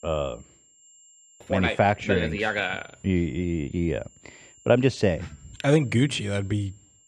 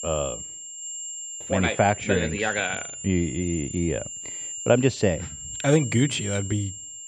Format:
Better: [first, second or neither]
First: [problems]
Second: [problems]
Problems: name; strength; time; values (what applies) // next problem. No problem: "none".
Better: first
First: high-pitched whine; faint; throughout; 7.5 kHz, 30 dB below the speech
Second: high-pitched whine; loud; throughout; 7.5 kHz, 9 dB below the speech